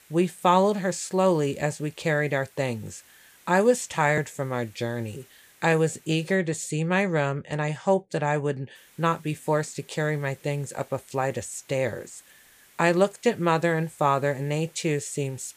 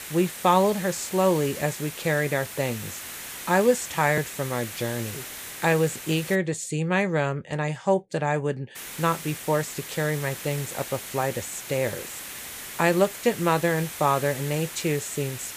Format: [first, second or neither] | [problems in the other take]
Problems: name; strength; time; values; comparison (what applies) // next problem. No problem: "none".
first | hiss; loud; until 6.5 s and from 9 s on; 10 dB below the speech; faint in the first